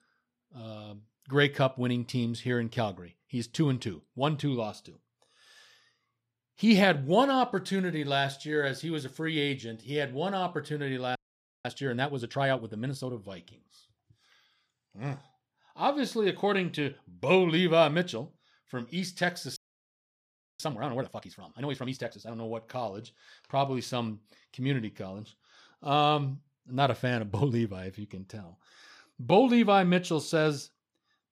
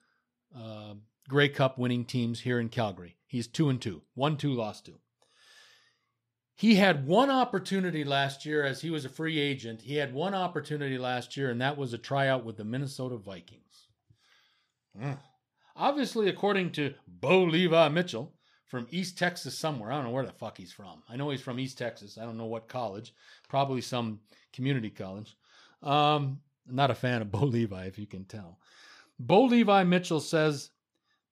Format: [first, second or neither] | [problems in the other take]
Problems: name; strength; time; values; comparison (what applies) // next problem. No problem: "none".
second | audio freezing; at 11 s for 0.5 s and at 20 s for 1 s